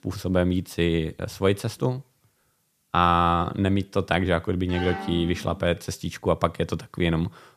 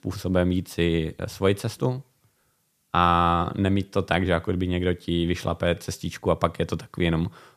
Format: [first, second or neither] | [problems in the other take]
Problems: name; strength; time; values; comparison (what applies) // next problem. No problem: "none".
second | phone ringing; noticeable; from 4.5 to 5.5 s; peak 8 dB below the speech